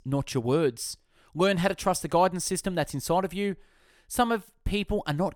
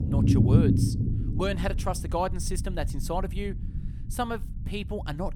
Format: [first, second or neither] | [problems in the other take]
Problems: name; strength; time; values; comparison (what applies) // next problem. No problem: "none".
first | low rumble; loud; throughout; 1 dB below the speech